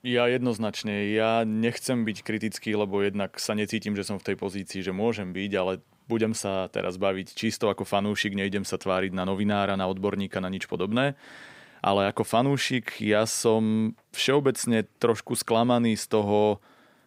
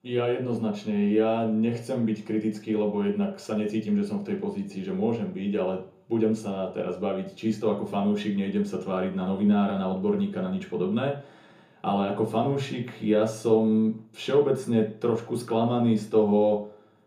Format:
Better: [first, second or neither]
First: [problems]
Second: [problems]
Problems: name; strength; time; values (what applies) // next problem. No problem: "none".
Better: first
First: none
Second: room echo; slight; dies away in 0.5 s // off-mic speech; far